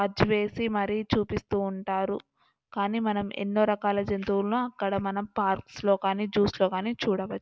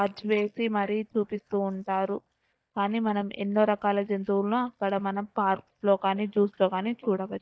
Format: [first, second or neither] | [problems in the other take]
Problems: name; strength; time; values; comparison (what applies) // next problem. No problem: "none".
first | noise reduction (neural mask model DeepFilterNet 3)